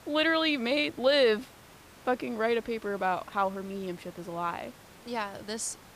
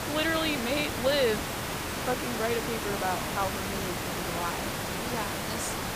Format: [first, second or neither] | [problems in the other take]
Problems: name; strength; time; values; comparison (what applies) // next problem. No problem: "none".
first | hiss; loud; throughout; 1 dB below the speech; faint in the first